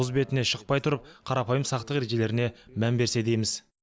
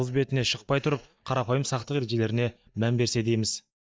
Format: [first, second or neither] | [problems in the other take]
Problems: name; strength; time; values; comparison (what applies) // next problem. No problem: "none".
first | noise reduction (neural mask model DeepFilterNet 3)